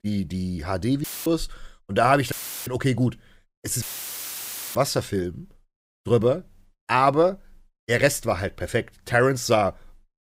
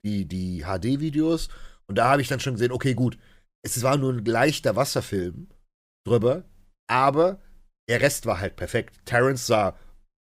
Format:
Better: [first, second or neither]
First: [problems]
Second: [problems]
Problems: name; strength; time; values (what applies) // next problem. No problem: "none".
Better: second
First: audio cutting out; filled with static; at 1 s, at 2.5 s and at 4 s for 1 s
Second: none